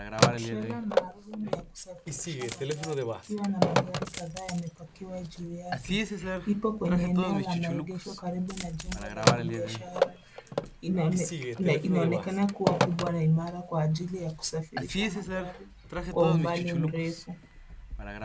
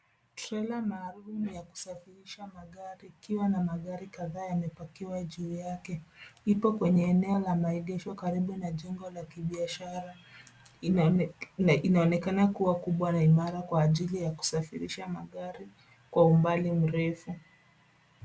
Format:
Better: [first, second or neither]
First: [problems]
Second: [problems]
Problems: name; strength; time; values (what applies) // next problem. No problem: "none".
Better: second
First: background sound (Telephone + Coin (dropping)); 1 dB below the speech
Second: none